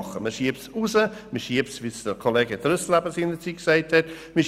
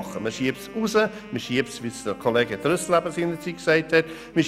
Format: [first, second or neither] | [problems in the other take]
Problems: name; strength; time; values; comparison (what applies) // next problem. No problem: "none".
first | background sound (Wind instrument, woodwind instrument); 19 dB below the speech